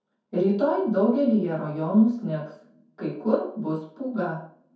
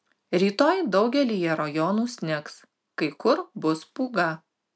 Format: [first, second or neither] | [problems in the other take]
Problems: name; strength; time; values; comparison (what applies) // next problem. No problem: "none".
second | room echo; dies away in 0.6 s